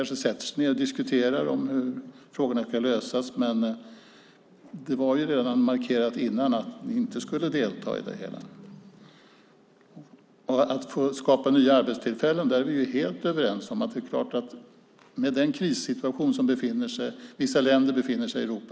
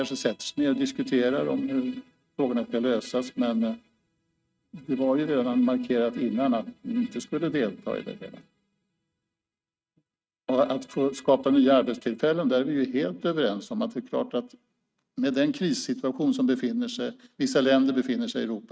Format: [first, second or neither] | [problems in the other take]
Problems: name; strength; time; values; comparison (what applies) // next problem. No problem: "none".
first | noise reduction (neural mask model RNNoise)